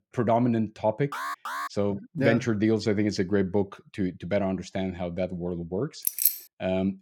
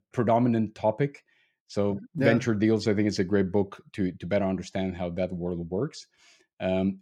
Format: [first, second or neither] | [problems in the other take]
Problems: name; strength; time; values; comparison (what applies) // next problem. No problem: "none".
second | alarm; noticeable; at 1 s; peak 5 dB below the speech // jangling keys; loud; at 6 s; peak 5 dB above the speech